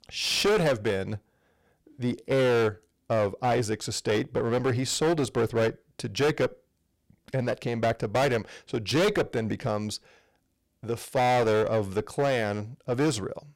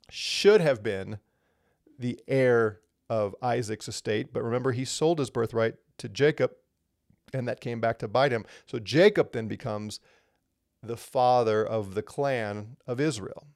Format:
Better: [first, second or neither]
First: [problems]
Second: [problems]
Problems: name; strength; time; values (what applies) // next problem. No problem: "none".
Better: second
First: distortion; heavy; 14% of the sound clipped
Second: none